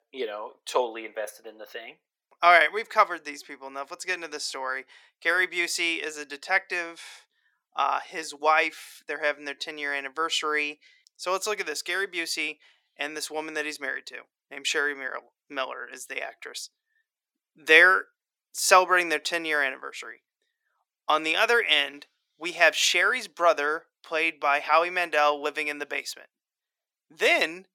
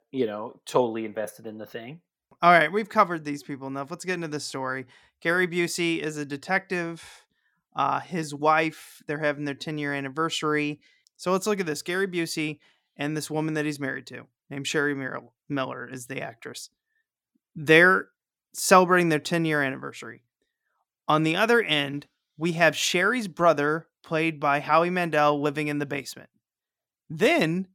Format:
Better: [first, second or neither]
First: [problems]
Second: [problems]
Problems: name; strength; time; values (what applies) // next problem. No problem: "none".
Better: second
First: thin; very; fading below 450 Hz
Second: none